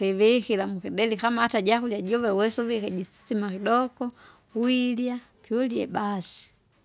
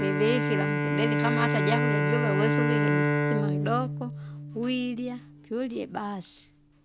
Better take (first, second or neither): first